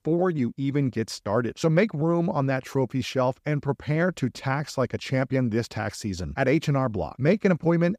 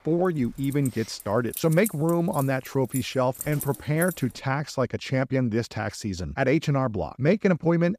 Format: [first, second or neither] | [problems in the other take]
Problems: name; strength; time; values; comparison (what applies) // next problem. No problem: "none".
first | jangling keys; noticeable; until 4 s; peak 8 dB below the speech